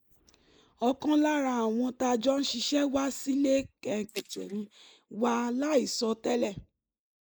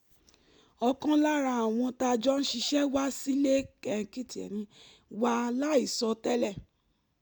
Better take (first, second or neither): second